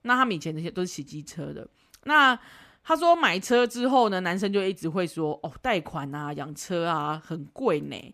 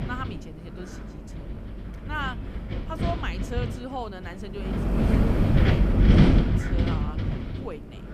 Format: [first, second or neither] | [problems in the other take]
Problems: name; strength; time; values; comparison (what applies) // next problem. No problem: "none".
first | wind noise on the microphone; heavy; 5 dB above the speech